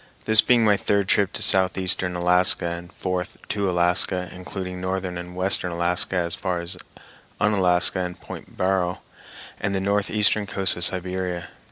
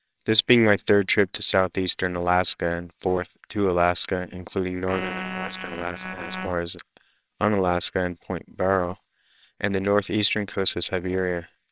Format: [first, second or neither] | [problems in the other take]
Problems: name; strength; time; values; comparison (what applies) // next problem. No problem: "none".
first | noise reduction (neural separator model SepFormer WHAMR!)